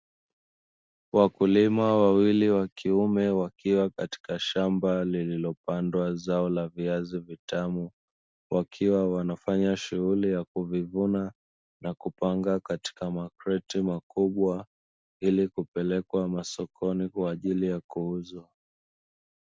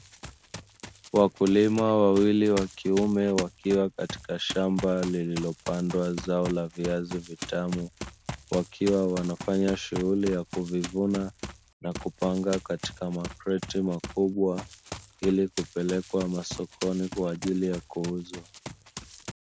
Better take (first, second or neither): first